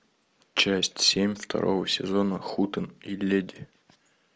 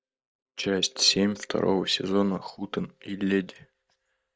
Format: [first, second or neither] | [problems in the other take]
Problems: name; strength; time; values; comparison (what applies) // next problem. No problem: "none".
first | noise reduction (neural mask model DeepFilterNet 3)